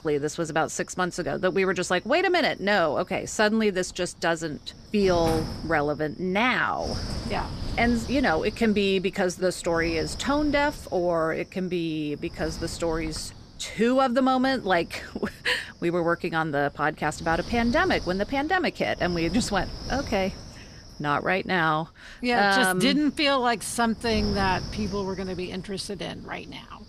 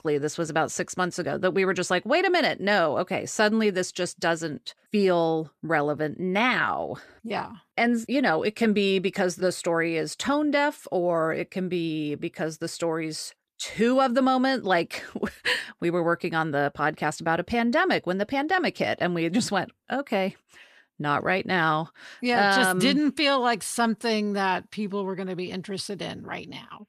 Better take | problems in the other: second | wind noise on the microphone; occasional gusts; 15 dB below the speech

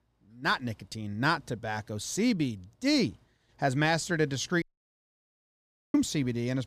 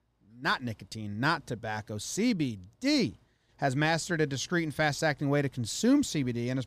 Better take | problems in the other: second | audio cutting out; at 4.5 s for 1.5 s

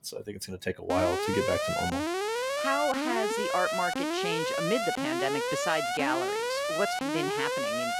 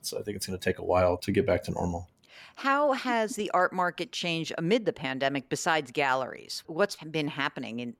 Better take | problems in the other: second | alarm; loud; from 1 s on; peak 3 dB above the speech

